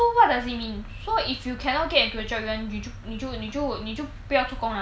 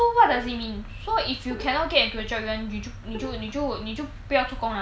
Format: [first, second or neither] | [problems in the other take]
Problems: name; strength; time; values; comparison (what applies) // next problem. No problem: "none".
first | background sound (Bowed string instrument); 18 dB below the speech